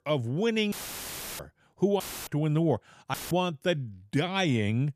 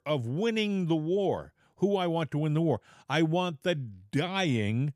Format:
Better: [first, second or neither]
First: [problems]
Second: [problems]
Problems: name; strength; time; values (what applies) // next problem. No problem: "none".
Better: second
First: audio cutting out; filled with static; at 0.5 s for 0.5 s, at 2 s and at 3 s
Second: none